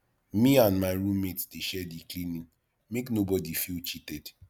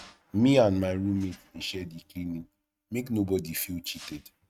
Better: first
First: none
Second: noise reduction (neural mask model RNNoise)

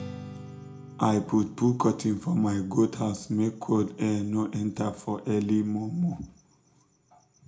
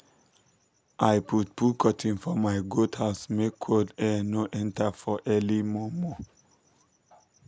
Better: second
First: background sound (Strum); 20 dB below the speech // room echo; dies away in 0.3 s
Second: none

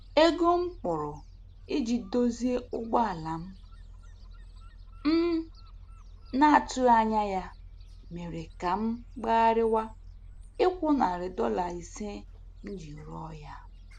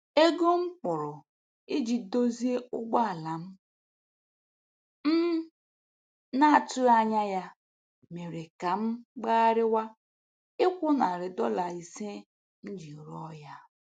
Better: second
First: background sound (Gull, seagull); 17 dB below the speech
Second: none

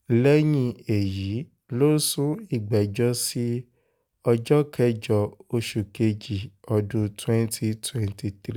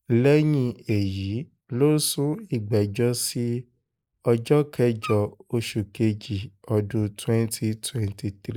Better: first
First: none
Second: noise reduction (neural mask model Resemble Enhance denoiser)

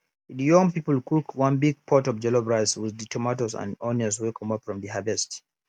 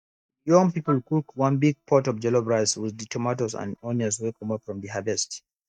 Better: first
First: none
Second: noise reduction (neural mask model DeepFilterNet 3)

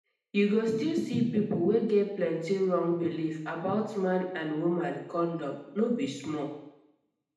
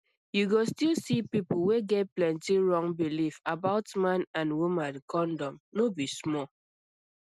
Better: second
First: room echo; dies away in 0.8 s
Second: none

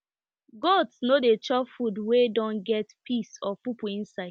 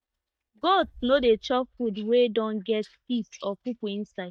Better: first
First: none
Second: noise reduction (neural mask model DeepFilterNet 3)

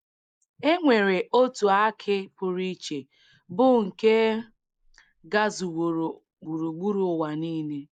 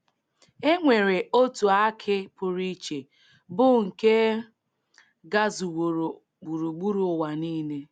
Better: second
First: noise reduction (neural mask model Resemble Enhance denoiser)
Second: none

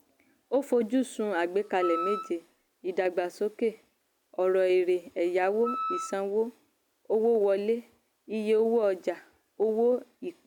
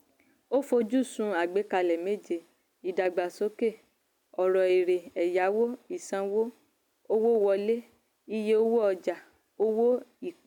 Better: second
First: background sound (Wind instrument, woodwind instrument); 9 dB below the speech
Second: none

